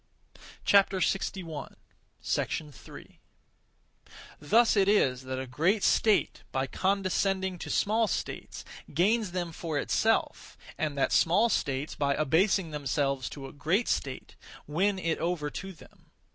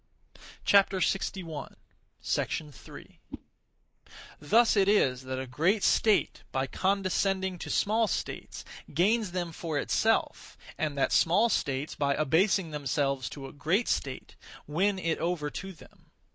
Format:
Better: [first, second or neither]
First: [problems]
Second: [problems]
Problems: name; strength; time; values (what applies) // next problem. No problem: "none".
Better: first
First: none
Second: noise reduction (neural mask model Resemble Enhance denoiser)